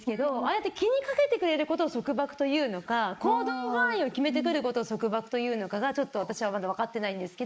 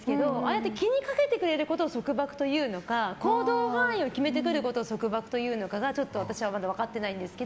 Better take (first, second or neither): second